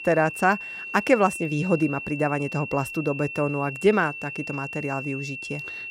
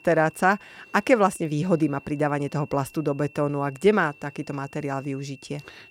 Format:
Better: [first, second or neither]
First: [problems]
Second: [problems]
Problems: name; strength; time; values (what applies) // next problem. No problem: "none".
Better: second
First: high-pitched whine; loud; throughout; 2.5 kHz, 8 dB below the speech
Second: high-pitched whine; faint; throughout; 2.5 kHz, 25 dB below the speech